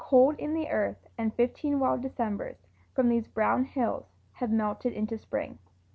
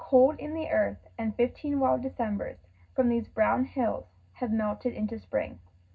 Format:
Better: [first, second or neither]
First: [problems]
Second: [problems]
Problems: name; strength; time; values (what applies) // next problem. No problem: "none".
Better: first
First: none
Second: room echo; dies away in 0.4 s